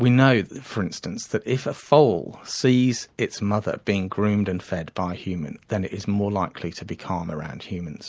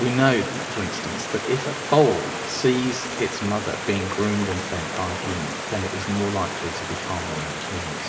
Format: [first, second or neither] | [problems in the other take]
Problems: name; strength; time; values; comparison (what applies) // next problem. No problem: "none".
first | background sound (Stream); 5 dB below the speech // room echo; dies away in 1.9 s